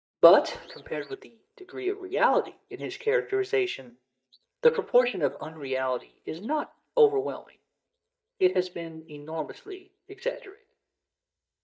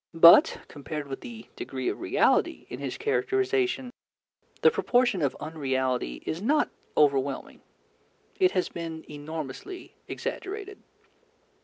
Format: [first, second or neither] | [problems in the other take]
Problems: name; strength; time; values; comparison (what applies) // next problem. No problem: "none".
second | noise reduction (neural mask model DeepFilterNet 3)